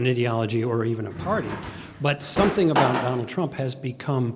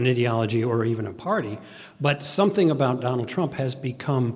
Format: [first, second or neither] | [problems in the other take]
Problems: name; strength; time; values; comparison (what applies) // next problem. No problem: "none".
second | background sound (Drawer open or close); 4 dB below the speech